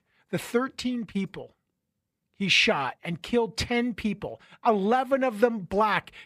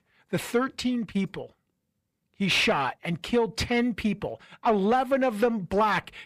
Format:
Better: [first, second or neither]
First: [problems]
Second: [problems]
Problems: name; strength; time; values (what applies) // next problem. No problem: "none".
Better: first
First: none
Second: distortion; slight; 10 dB below the speech